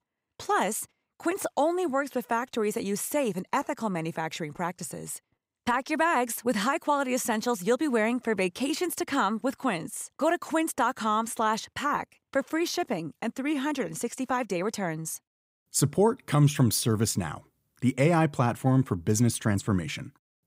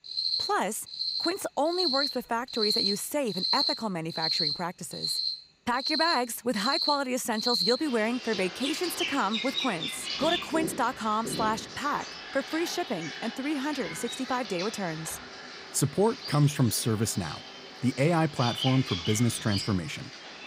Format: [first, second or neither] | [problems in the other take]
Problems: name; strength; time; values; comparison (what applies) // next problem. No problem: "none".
first | animal sounds; loud; throughout; 2 dB below the speech